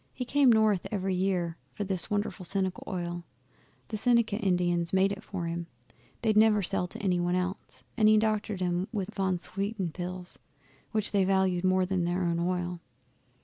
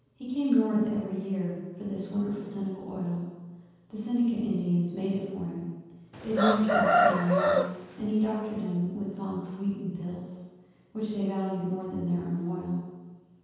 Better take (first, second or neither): first